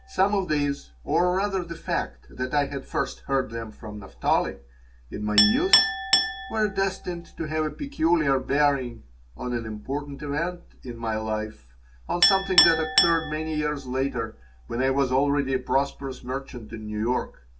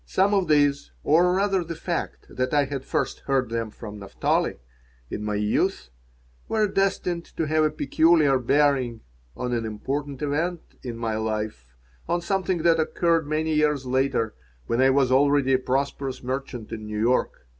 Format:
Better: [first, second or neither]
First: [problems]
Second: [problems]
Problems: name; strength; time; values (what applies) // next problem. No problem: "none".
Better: second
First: background sound (Chink, clink); 5 dB below the speech // room echo; dies away in 0.2 s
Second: none